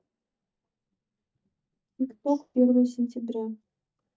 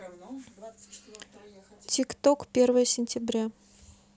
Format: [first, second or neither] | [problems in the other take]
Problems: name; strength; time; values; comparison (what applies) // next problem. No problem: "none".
second | noise reduction (neural mask model DeepFilterNet 3)